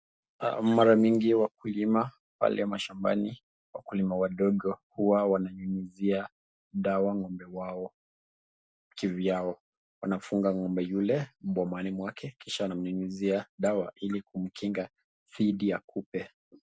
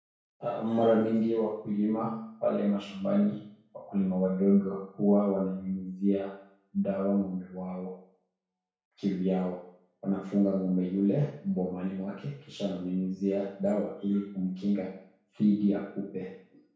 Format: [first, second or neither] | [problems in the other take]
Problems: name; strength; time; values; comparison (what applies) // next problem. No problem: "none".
first | room echo; dies away in 0.6 s